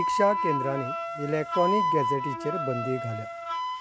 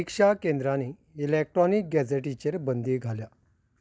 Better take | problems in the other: second | background sound (Wind instrument, woodwind instrument); as loud as the speech

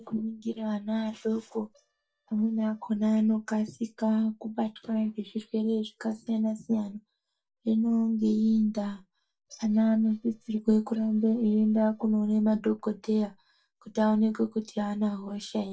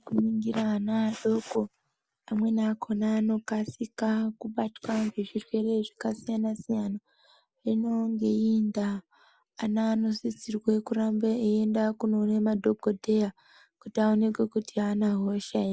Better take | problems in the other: second | noise reduction (neural mask model DeepFilterNet 3)

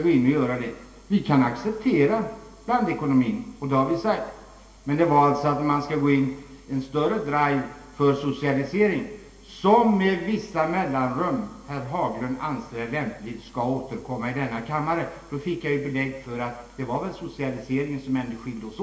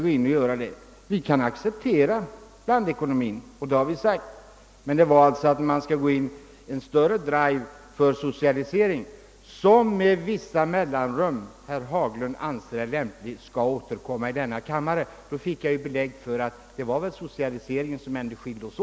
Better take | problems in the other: second | room echo; dies away in 0.8 s

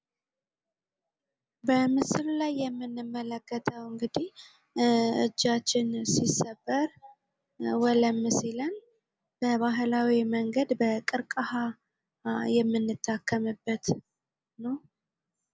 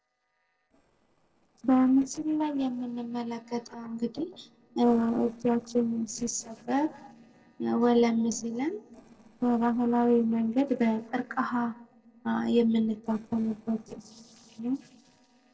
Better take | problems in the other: first | noise reduction (neural separator model SepFormer DNS4)

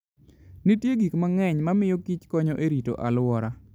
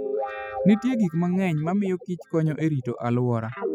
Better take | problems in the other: first | noise reduction (classical method spectral subtraction)

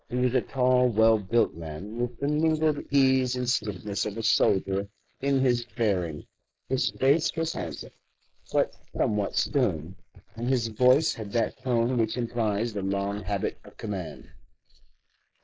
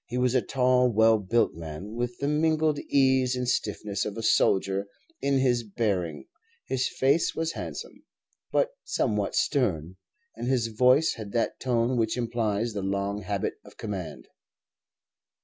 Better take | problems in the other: second | noise reduction (neural mask model Resemble Enhance denoiser)

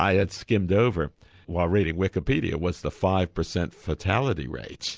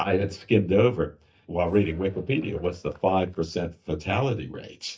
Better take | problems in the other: first | noise reduction (neural mask model DeepFilterNet 3)

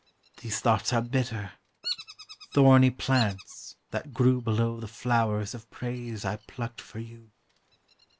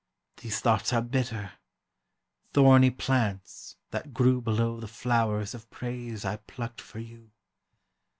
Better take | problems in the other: second | background sound (Bird vocalization, bird call, bird song); 18 dB below the speech

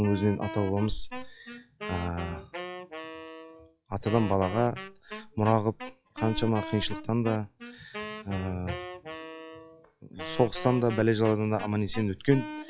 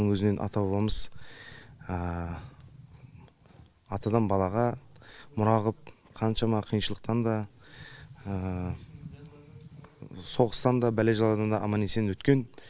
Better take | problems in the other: second | noise reduction (classical method log-MMSE)

